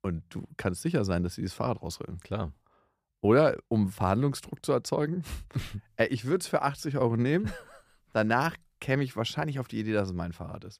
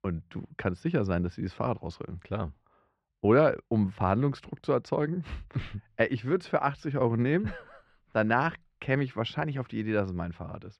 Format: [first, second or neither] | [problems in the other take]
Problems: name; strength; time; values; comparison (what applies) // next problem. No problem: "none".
first | muffled; slightly; fading above 2.5 kHz